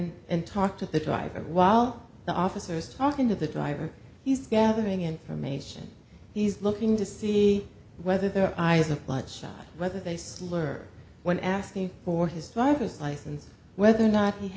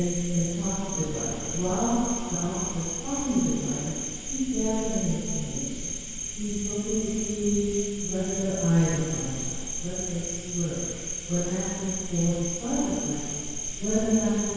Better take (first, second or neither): first